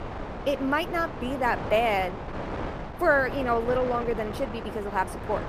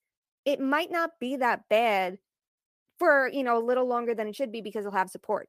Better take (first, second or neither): second